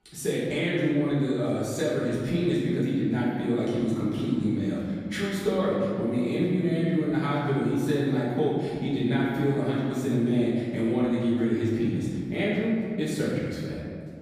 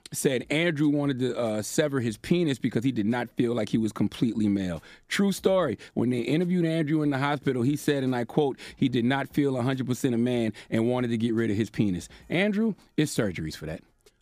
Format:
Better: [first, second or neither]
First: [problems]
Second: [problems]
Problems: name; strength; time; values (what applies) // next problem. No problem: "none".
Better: second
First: room echo; strong; dies away in 2 s // off-mic speech; far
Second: none